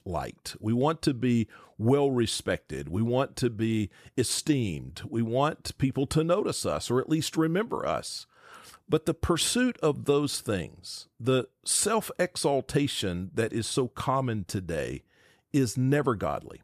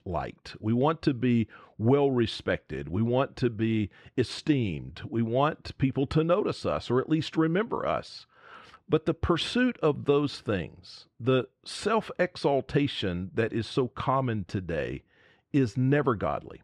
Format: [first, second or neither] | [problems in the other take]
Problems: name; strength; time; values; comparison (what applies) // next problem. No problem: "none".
first | muffled; slightly; fading above 3 kHz